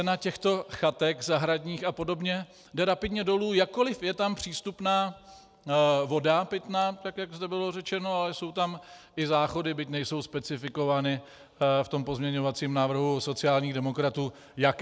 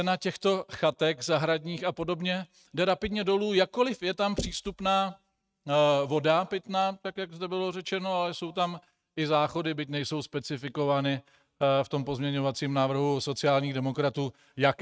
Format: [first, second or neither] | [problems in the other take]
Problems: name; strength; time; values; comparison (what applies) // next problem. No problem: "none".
first | noise reduction (neural mask model RNNoise)